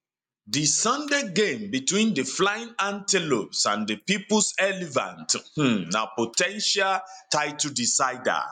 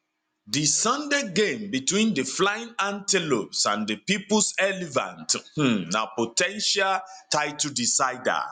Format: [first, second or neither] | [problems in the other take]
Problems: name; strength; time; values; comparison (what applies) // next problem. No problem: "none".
second | noise reduction (neural mask model Resemble Enhance denoiser)